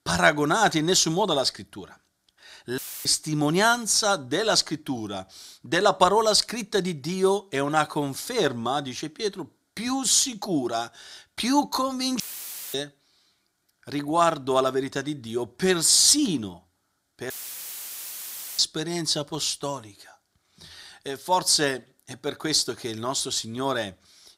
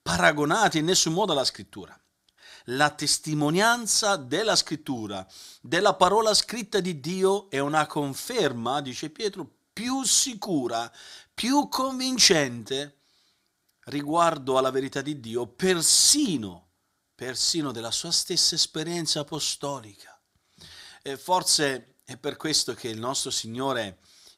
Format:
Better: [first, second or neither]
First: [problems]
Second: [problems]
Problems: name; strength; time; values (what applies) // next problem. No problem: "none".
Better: second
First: audio cutting out; filled with static; at 3 s, at 12 s for 0.5 s and at 17 s for 1.5 s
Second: none